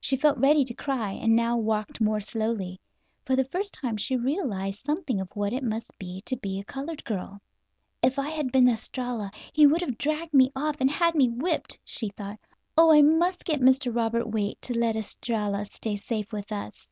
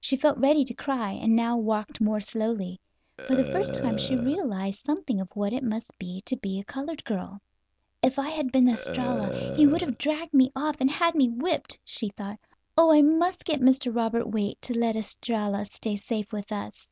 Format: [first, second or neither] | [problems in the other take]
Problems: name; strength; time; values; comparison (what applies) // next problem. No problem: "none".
first | background sound (Burping, eructation); 10 dB below the speech